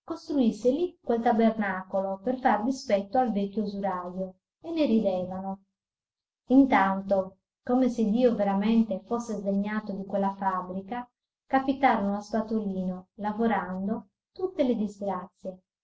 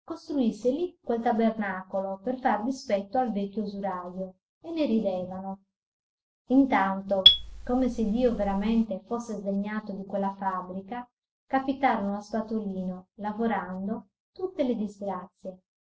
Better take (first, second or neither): first